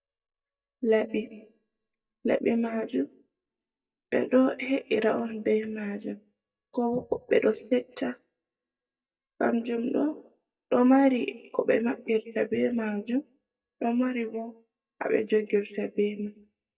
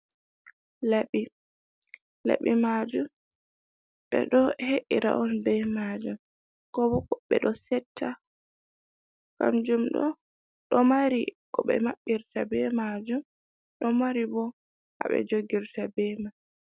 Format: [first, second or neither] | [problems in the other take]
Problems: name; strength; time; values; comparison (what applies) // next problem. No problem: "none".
second | noise reduction (neural mask model DeepFilterNet 3)